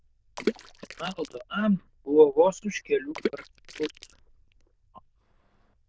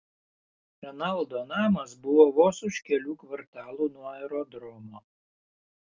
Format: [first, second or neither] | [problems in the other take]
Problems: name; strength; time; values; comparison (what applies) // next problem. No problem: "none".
second | noise reduction (neural diffusion model UNIVERSE++)